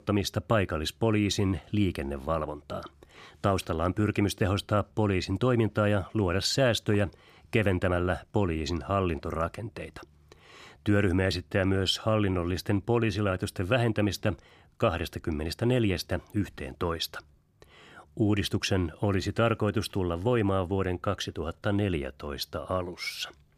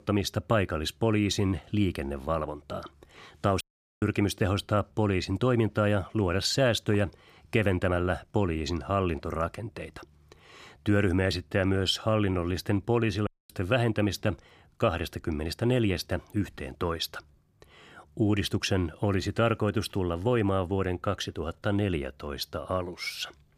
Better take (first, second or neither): first